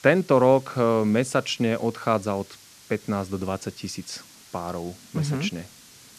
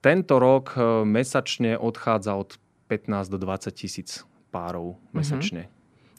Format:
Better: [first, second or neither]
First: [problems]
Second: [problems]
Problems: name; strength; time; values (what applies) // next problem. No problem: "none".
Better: second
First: hiss; faint; throughout; 20 dB below the speech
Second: none